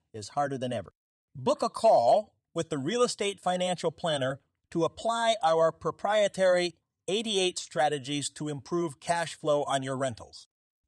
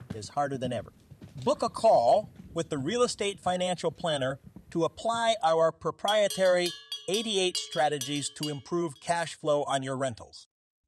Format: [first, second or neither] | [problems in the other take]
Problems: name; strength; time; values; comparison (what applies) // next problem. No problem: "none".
first | animal sounds; noticeable; until 8.5 s; 10 dB below the speech